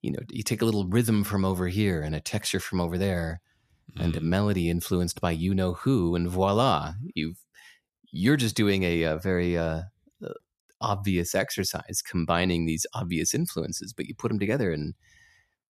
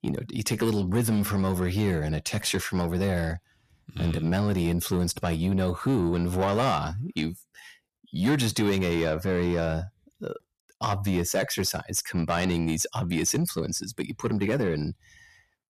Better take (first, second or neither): first